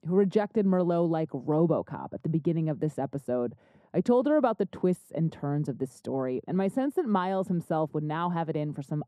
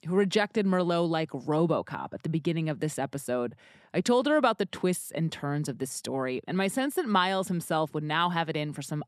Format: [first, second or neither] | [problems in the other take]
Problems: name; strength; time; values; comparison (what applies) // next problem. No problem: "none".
second | muffled; very; fading above 1.5 kHz